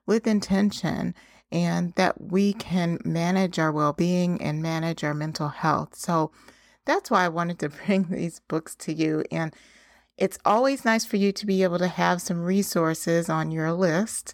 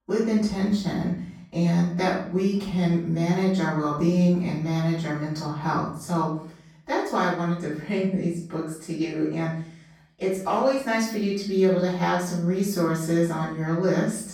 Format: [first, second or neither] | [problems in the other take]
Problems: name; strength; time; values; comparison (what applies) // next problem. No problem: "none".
first | off-mic speech; far // room echo; noticeable; dies away in 0.6 s